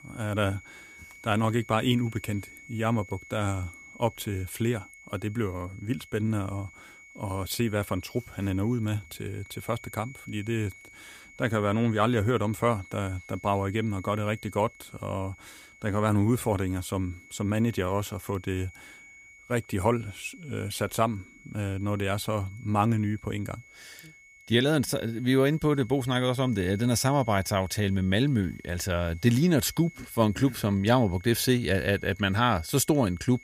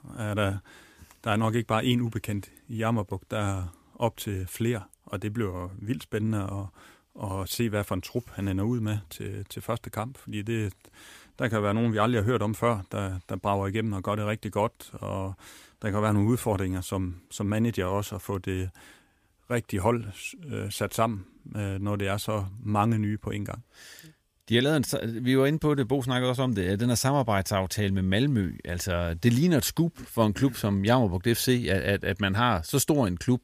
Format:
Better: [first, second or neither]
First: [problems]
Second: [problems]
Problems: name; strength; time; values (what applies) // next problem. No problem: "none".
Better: second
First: high-pitched whine; faint; throughout; 2 kHz, 20 dB below the speech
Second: none